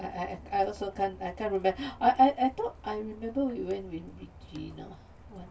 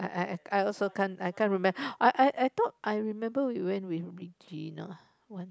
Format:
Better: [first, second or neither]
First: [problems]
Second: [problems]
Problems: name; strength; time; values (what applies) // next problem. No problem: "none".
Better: second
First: background sound (Rain); 19 dB below the speech // room echo; dies away in 0.1 s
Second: none